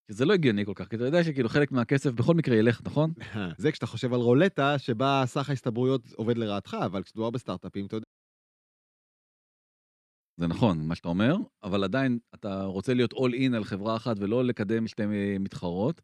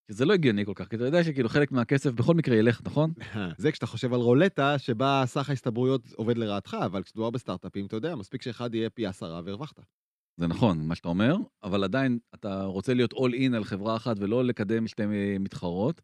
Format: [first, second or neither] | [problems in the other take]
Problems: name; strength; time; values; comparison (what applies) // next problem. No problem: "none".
second | audio cutting out; at 8 s for 2 s